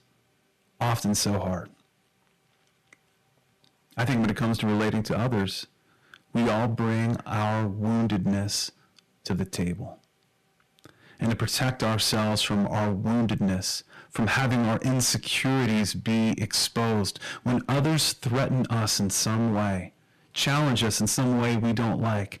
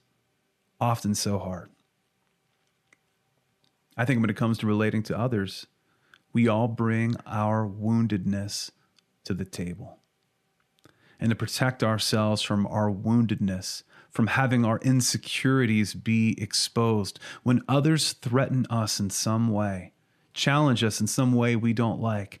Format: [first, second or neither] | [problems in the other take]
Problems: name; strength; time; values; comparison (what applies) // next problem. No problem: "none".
second | distortion; heavy; 20% of the sound clipped